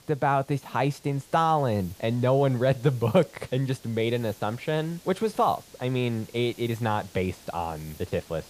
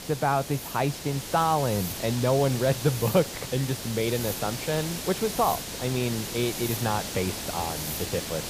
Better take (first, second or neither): first